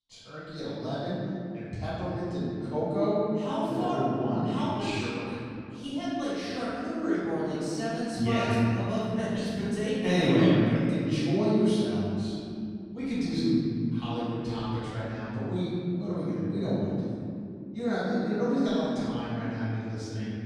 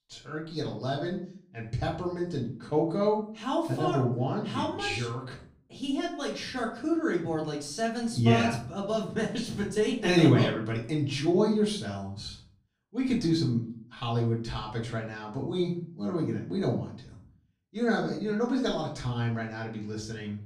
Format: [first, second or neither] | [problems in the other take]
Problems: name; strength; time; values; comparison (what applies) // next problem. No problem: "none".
second | room echo; strong; dies away in 2.8 s; slight in the second // off-mic speech; far; far in the second